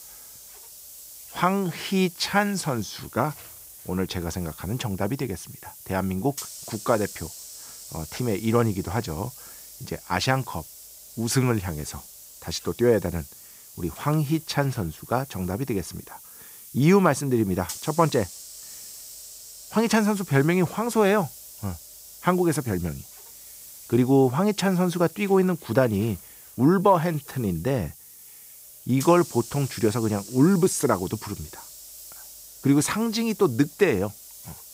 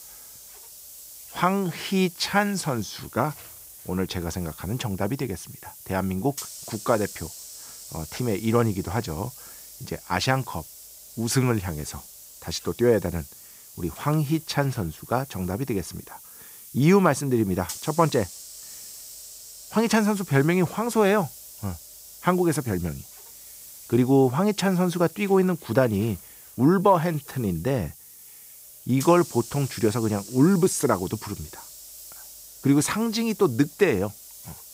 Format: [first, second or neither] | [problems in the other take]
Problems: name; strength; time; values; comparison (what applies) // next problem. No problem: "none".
neither | hiss; noticeable; throughout; 15 dB below the speech; the same in both